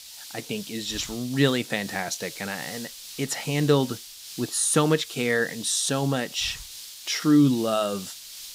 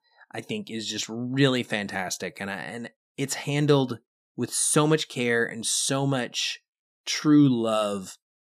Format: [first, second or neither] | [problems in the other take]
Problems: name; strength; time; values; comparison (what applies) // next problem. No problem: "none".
second | hiss; noticeable; throughout; 15 dB below the speech